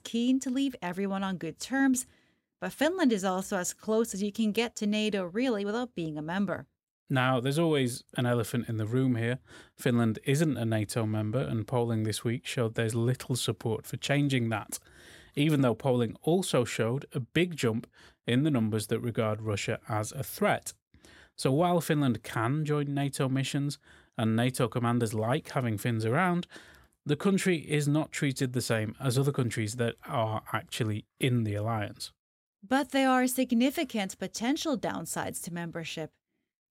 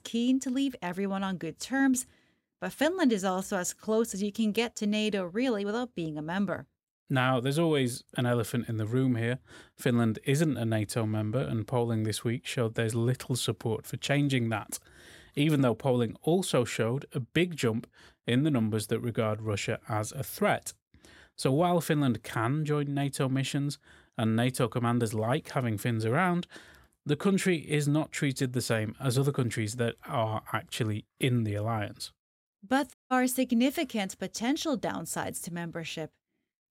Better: first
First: none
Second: audio cutting out; at 33 s

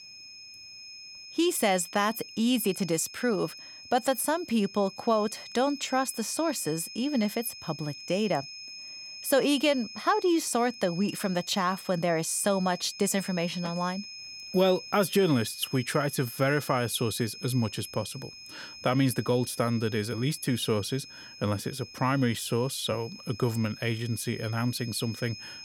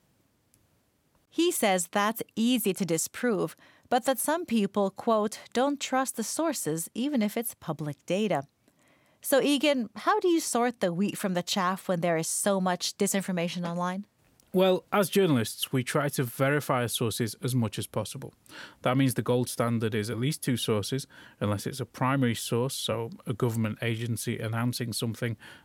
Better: second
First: high-pitched whine; noticeable; throughout; 5 kHz, 15 dB below the speech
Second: none

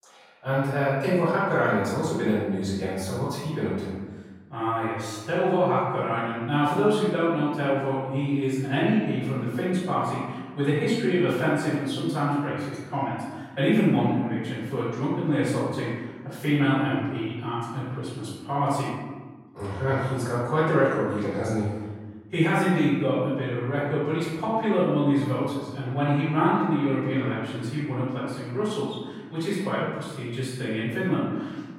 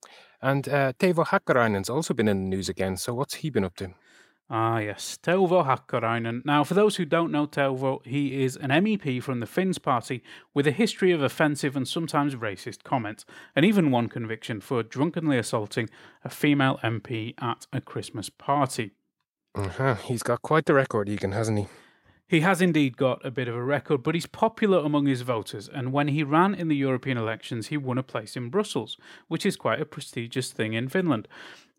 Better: second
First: off-mic speech; far // room echo; strong; dies away in 1.3 s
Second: none

